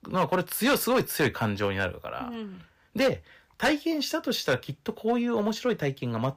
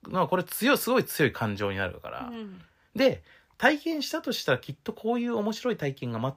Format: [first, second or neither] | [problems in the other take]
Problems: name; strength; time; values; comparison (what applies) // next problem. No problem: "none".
second | distortion; slight; 4% of the sound clipped